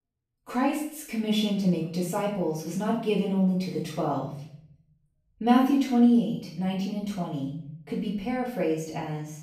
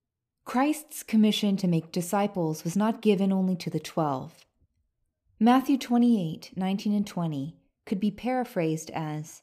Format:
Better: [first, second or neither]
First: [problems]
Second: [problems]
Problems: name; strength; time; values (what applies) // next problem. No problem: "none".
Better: second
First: off-mic speech; far // room echo; noticeable; dies away in 0.6 s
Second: none